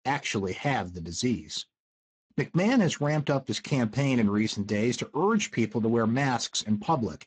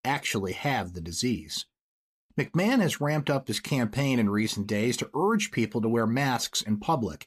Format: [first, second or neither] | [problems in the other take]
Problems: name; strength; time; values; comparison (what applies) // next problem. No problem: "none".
second | garbled, watery; badly; nothing above 7.5 kHz